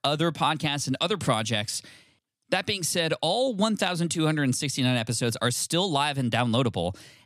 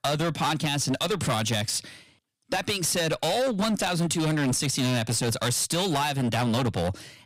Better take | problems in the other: first | distortion; heavy; 22% of the sound clipped

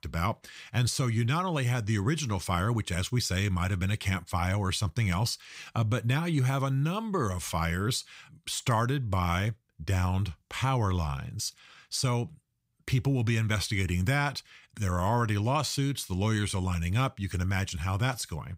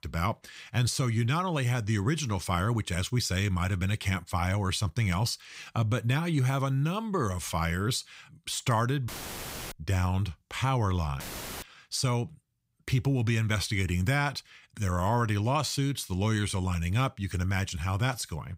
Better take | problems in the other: first | audio cutting out; filled with static; at 9 s for 0.5 s and at 11 s

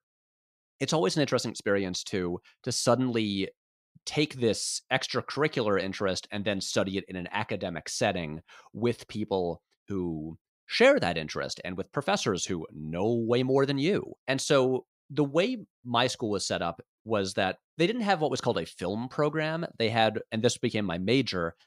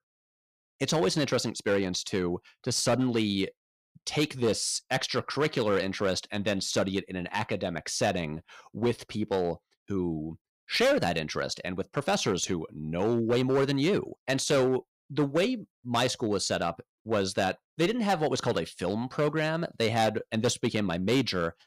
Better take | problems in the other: first | distortion; slight; 6% of the sound clipped

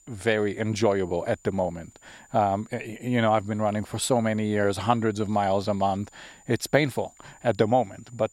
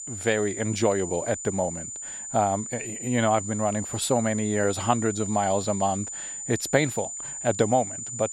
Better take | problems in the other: first | high-pitched whine; loud; throughout; 7 kHz, 7 dB below the speech; faint in the first

